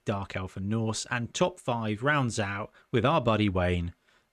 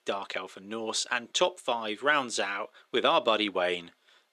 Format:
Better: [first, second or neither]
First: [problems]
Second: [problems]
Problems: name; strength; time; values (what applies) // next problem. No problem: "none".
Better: first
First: none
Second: thin; somewhat; fading below 350 Hz